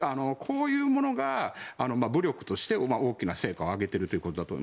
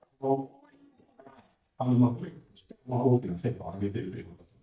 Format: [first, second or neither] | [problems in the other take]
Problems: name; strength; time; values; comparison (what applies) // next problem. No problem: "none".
first | noise reduction (neural mask model DeepFilterNet 3)